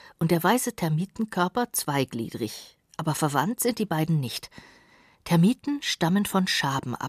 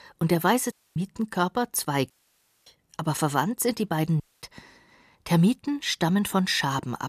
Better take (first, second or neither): first